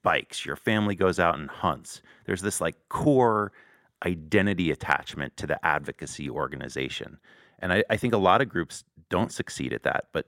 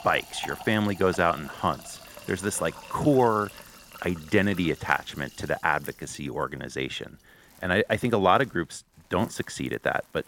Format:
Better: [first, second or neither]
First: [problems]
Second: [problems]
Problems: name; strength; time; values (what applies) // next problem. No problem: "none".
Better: first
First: none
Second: household noises; noticeable; throughout; 20 dB below the speech